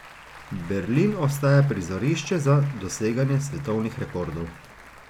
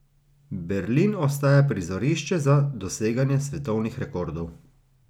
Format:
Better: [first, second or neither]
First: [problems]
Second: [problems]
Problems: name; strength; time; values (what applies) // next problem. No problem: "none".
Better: second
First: background sound (Applause); 20 dB below the speech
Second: none